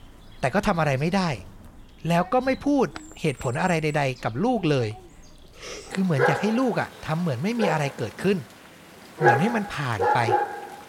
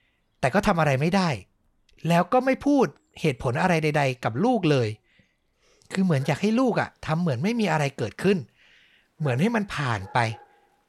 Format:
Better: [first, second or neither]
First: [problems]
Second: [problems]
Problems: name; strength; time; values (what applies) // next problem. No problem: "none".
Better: second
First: animal sounds; loud; throughout; 1 dB below the speech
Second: animal sounds; faint; throughout; 25 dB below the speech